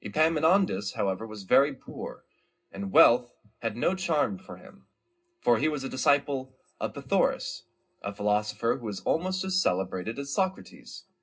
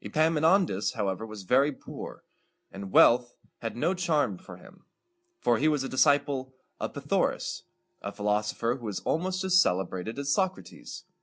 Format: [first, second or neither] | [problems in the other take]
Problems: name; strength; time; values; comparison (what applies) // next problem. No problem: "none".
second | room echo; dies away in 0.2 s